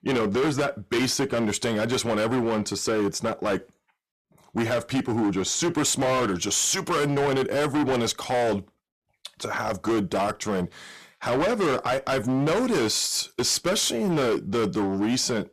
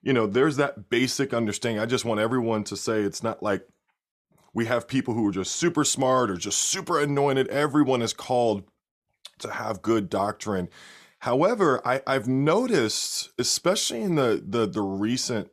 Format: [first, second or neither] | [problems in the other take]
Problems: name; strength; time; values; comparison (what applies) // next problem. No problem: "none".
second | distortion; heavy; 20% of the sound clipped